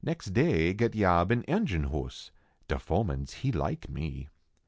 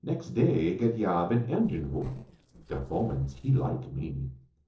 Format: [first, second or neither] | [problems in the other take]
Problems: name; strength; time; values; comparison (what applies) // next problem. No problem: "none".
first | noise reduction (neural separator model SepFormer DNS4)